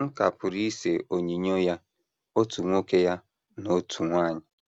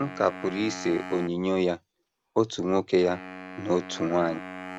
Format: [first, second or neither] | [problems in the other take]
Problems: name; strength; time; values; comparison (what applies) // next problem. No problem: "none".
first | background sound (Wind instrument, woodwind instrument); 14 dB below the speech